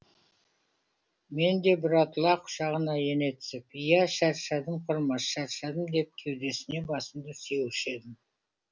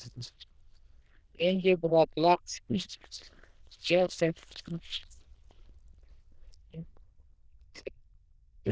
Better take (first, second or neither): first